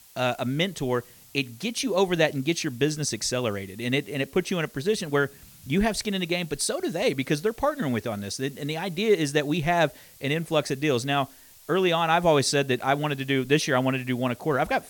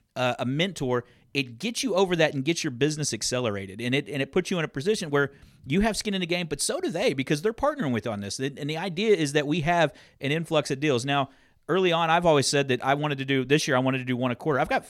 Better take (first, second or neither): second